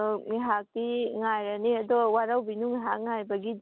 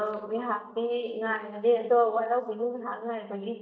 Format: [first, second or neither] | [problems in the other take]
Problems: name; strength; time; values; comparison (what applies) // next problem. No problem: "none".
first | noise reduction (neural mask model DeepFilterNet 3)